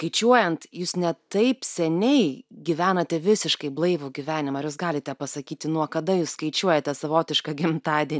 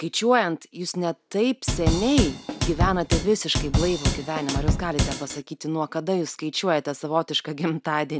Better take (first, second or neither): first